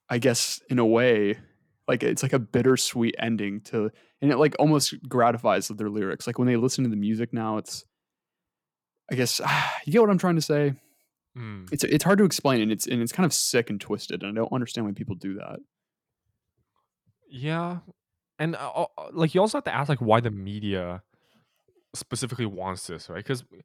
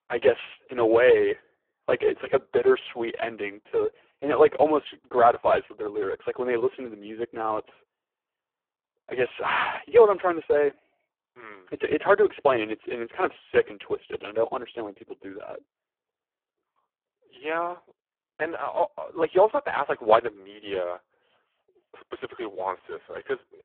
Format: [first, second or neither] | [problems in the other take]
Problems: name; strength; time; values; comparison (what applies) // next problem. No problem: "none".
first | phone-call audio; poor line